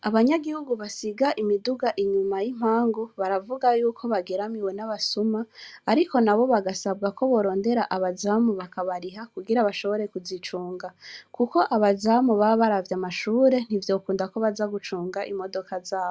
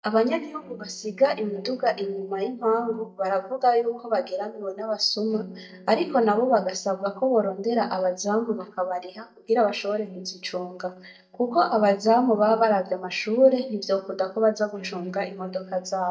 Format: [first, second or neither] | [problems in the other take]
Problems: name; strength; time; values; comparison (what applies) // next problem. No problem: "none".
first | noise reduction (neural mask model DeepFilterNet 3)